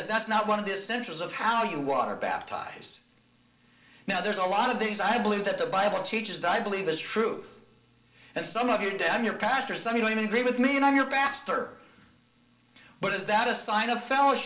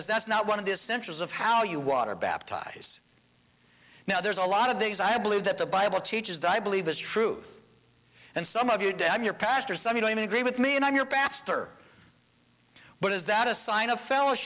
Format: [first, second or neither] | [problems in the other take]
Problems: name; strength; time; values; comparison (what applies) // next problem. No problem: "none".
second | room echo; dies away in 0.4 s